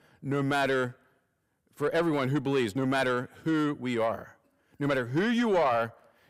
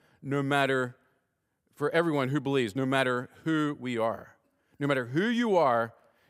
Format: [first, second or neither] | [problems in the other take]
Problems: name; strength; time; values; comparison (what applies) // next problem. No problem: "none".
second | distortion; slight; 10 dB below the speech